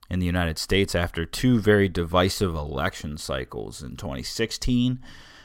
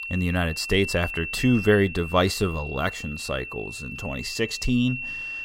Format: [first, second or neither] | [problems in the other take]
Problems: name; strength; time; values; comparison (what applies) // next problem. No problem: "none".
first | high-pitched whine; loud; throughout; 2.5 kHz, 8 dB below the speech